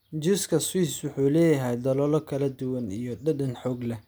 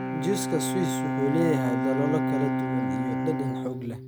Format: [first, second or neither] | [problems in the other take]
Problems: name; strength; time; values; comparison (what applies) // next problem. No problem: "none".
first | background sound (Bowed string instrument); 2 dB above the speech